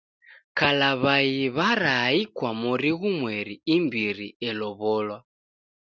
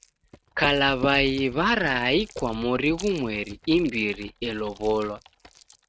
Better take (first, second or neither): first